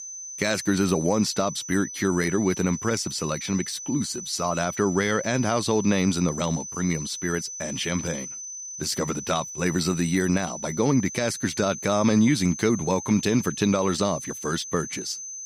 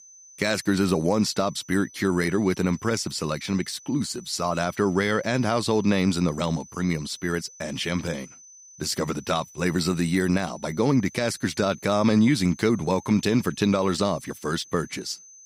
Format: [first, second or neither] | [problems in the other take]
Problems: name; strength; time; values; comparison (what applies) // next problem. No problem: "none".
second | high-pitched whine; loud; throughout; 6 kHz, 9 dB below the speech; faint in the second